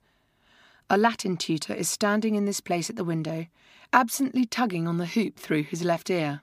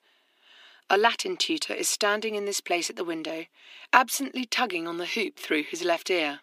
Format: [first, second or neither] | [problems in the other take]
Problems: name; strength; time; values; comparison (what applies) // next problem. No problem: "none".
first | thin; somewhat; fading below 350 Hz